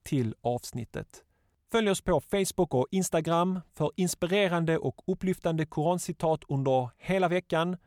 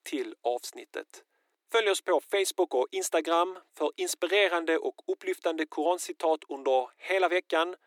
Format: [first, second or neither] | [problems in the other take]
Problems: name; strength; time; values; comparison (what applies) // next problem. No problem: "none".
first | thin; very; fading below 300 Hz